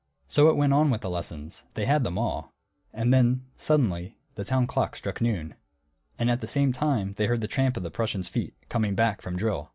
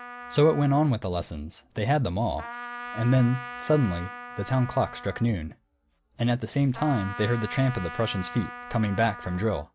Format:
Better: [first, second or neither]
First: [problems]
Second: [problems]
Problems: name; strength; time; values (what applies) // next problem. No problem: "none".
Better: first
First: none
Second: background sound (Trumpet); 14 dB below the speech